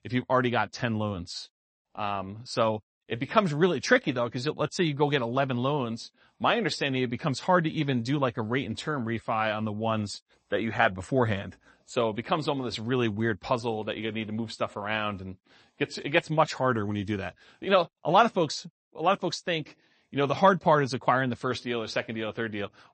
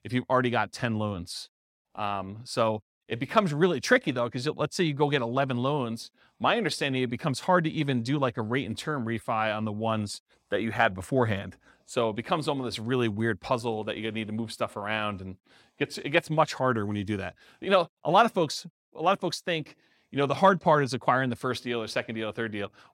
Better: second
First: garbled, watery; slightly; nothing above 8 kHz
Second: none

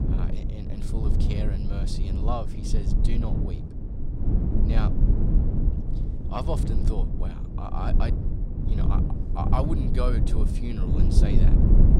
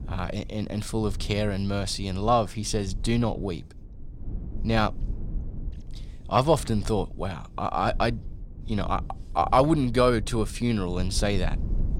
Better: second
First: low rumble; loud; throughout; 2 dB below the speech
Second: low rumble; faint; throughout; 25 dB below the speech

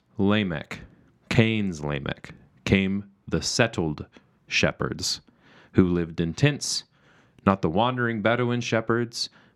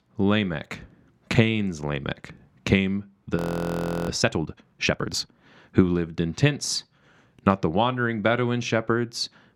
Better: first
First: none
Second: audio freezing; at 3.5 s for 0.5 s

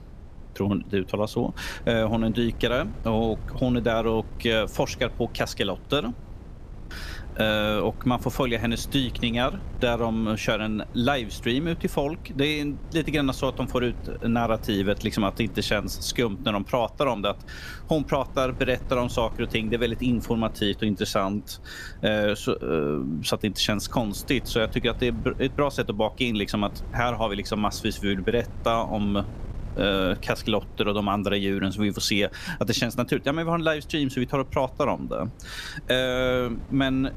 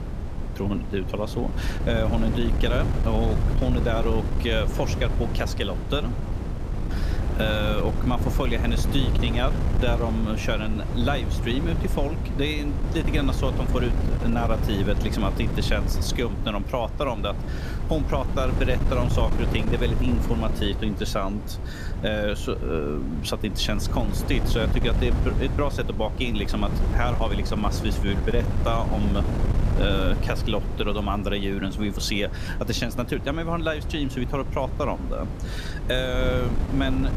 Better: first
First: wind noise on the microphone; occasional gusts; 25 dB below the speech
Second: wind noise on the microphone; heavy; 8 dB below the speech

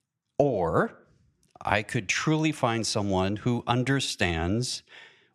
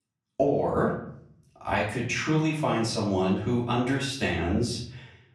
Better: first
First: none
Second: off-mic speech; far // room echo; noticeable; dies away in 0.6 s

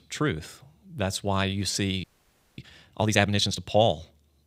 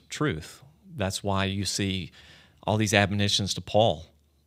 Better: second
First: audio freezing; at 2 s for 0.5 s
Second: none

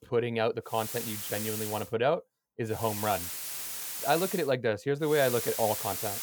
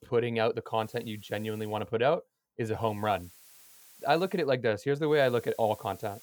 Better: second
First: hiss; loud; from 1 to 2 s, from 3 to 4.5 s and from 5 s on; 4 dB below the speech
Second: hiss; faint; from 1 to 2 s, from 3 to 4.5 s and from 5 s on; 25 dB below the speech

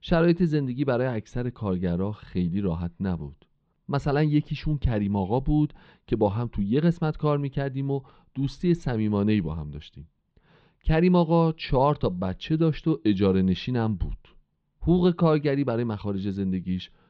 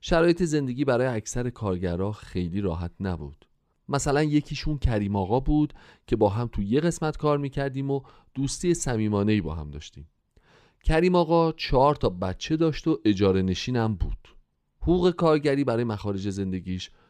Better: second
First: muffled; slightly; fading above 4 kHz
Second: none

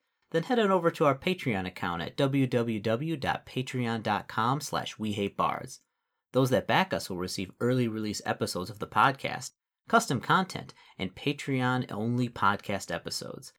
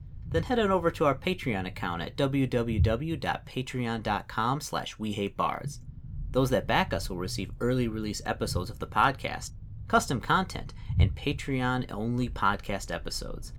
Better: first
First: none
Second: low rumble; faint; throughout; 25 dB below the speech

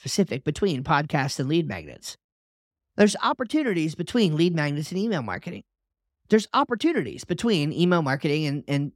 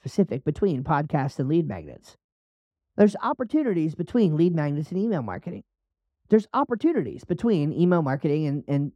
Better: first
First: none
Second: muffled; slightly; fading above 1.5 kHz

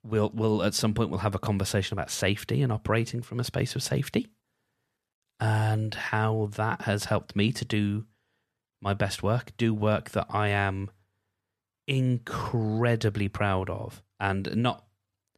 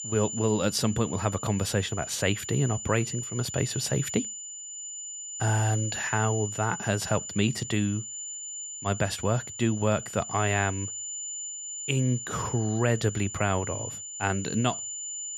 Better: first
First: none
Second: high-pitched whine; loud; throughout; 7 kHz, 7 dB below the speech

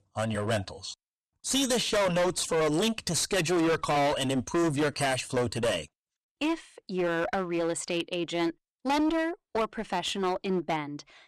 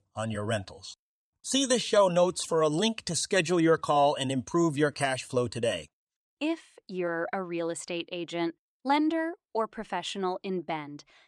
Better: second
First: distortion; heavy; 18% of the sound clipped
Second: none

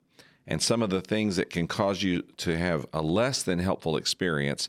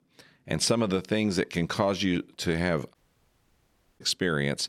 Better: first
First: none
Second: audio cutting out; at 3 s for 1 s

